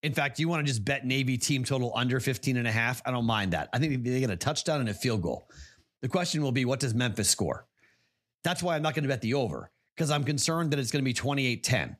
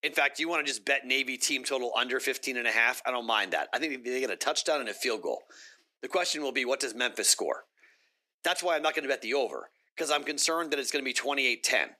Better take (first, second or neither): first